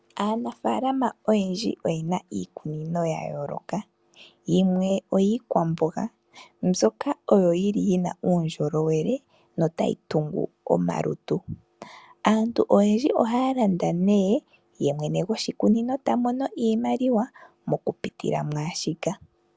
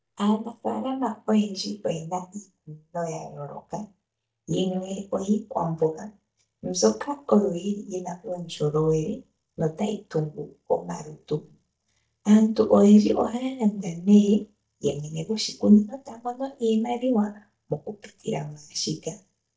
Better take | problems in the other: first | noise reduction (neural mask model DeepFilterNet 3)

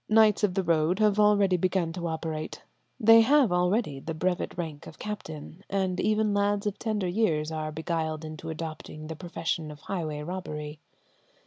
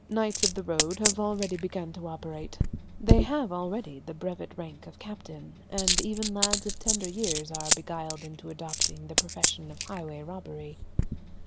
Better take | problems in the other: first | background sound (Coin (dropping)); 3 dB above the speech

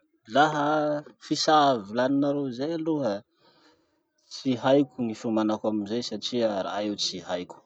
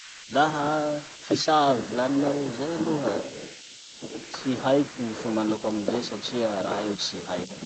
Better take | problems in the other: first | noise reduction (neural mask model Resemble Enhance denoiser)

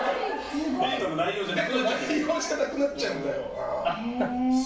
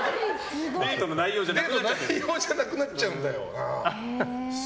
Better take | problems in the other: second | room echo; dies away in 0.3 s

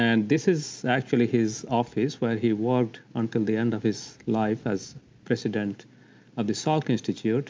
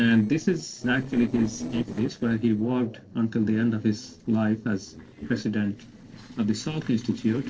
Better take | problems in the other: first | noise reduction (neural separator model SepFormer DNS4)

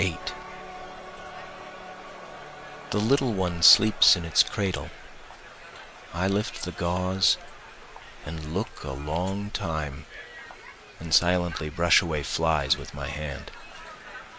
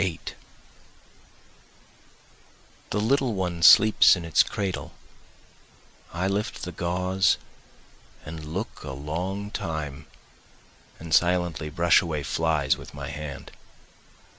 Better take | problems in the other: second | background sound (Crowd); 15 dB below the speech

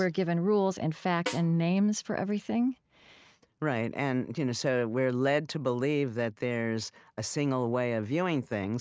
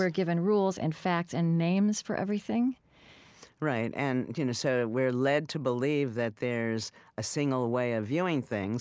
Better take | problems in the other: second | noise reduction (neural mask model RNNoise)

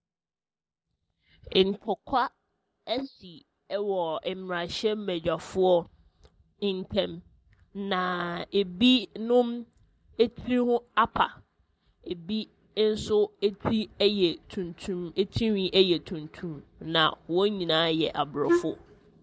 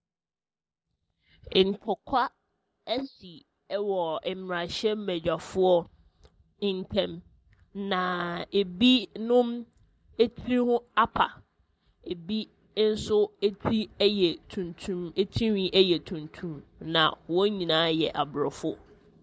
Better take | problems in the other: second | background sound (Wind instrument, woodwind instrument); 1 dB above the speech

